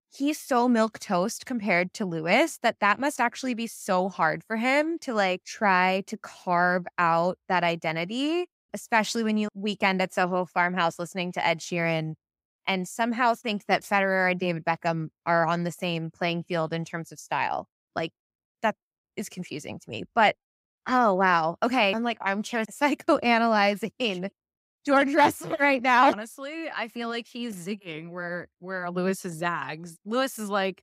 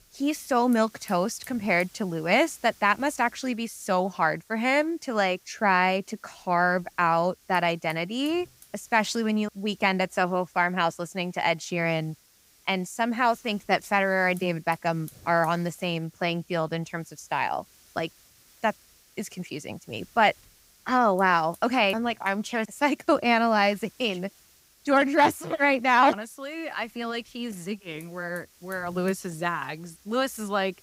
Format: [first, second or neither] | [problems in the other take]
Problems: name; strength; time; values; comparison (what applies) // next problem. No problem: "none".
first | hiss; faint; throughout; 30 dB below the speech